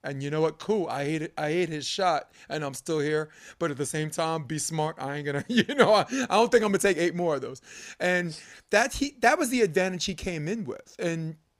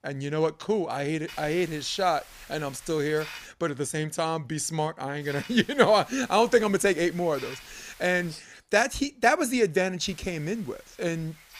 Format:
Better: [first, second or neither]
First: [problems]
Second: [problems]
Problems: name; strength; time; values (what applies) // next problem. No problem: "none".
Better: first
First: none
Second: hiss; noticeable; from 1.5 to 3.5 s, from 5 to 8.5 s and from 10 s on; 20 dB below the speech